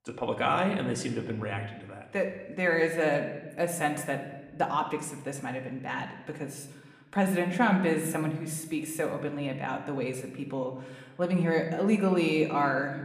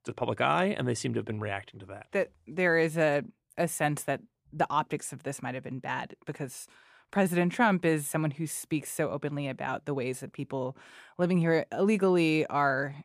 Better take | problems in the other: second | room echo; slight; dies away in 0.9 s

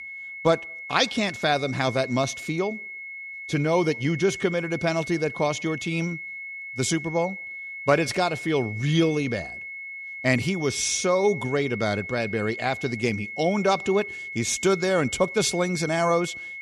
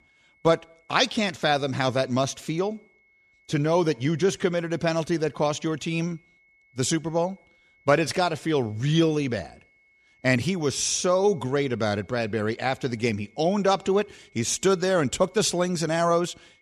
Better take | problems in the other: second | high-pitched whine; loud; throughout; 2 kHz, 9 dB below the speech; faint in the second

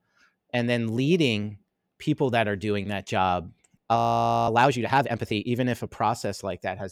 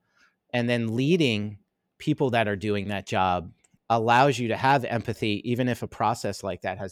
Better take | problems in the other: second | audio freezing; at 4 s for 0.5 s

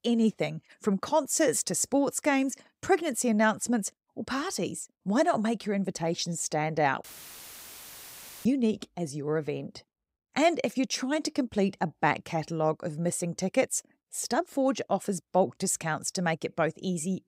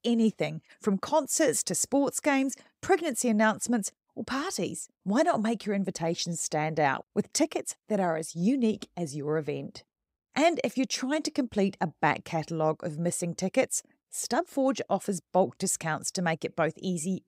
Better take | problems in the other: second | audio cutting out; filled with static; at 7 s for 1.5 s

